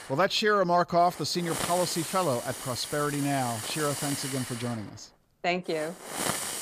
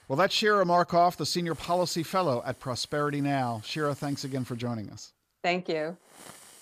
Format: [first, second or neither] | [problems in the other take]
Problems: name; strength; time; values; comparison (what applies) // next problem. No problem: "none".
second | hiss; loud; throughout; 6 dB below the speech; faint in the second